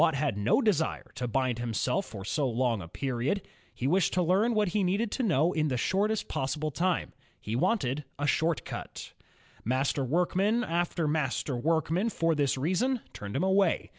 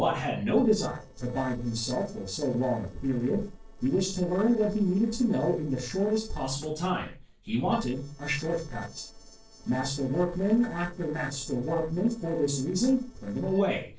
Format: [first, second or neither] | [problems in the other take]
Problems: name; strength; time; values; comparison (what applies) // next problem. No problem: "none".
first | noise reduction (neural separator model SepFormer DNS4)